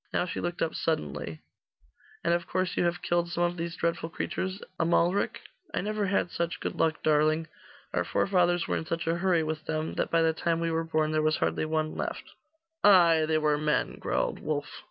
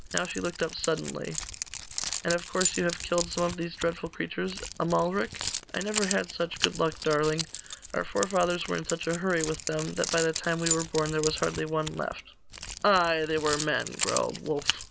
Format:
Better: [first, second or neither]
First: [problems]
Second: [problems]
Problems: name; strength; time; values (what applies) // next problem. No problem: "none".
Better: first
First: none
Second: background sound (Keys jangling); 6 dB below the speech